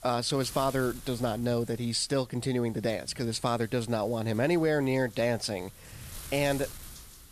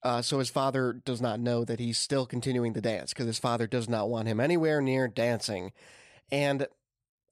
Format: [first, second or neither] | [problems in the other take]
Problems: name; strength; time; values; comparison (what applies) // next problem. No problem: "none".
second | wind noise on the microphone; occasional gusts; 20 dB below the speech